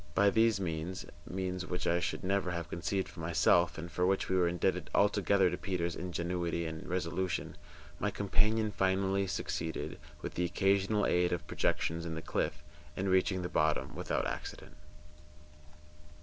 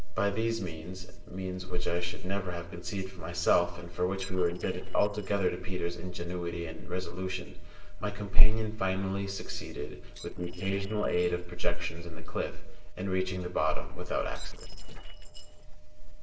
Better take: first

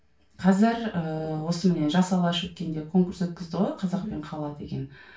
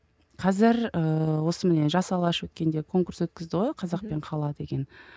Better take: second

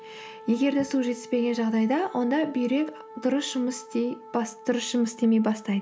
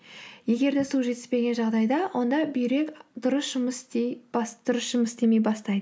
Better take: second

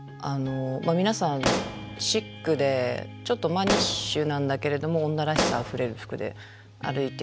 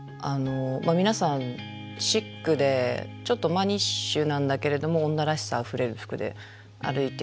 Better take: second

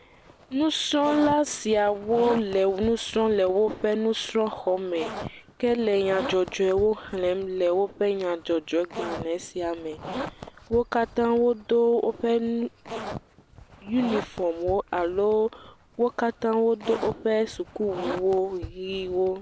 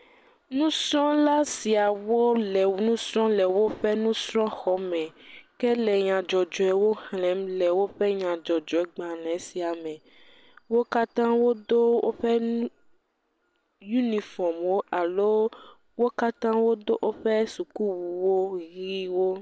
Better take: second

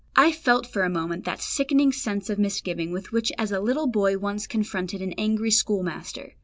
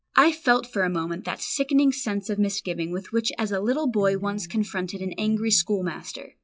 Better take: first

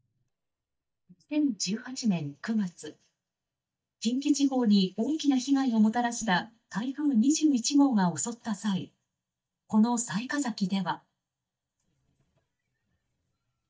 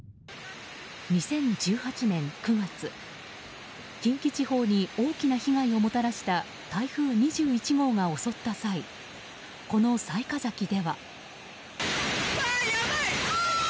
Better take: second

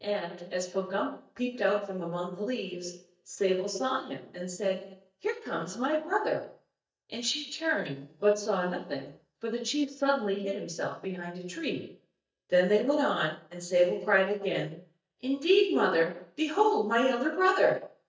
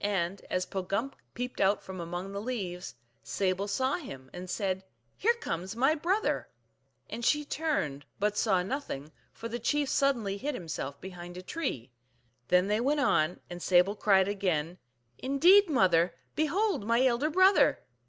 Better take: second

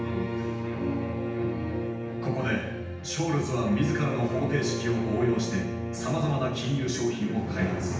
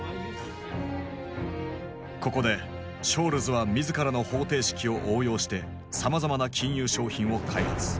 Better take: second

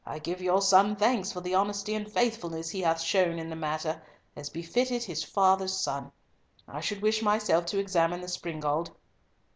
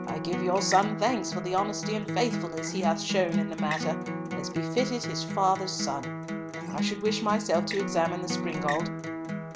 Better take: first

